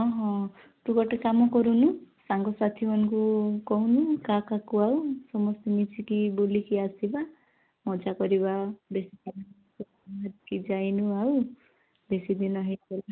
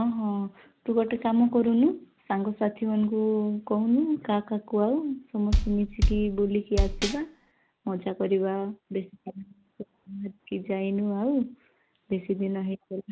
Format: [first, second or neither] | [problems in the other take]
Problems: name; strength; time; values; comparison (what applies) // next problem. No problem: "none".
first | background sound (Bass drum); 1 dB above the speech